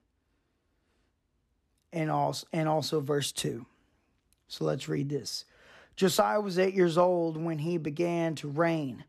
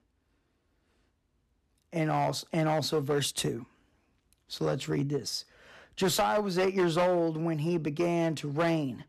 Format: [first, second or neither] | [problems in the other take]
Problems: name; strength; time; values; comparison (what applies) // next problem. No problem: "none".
first | distortion; slight; 5% of the sound clipped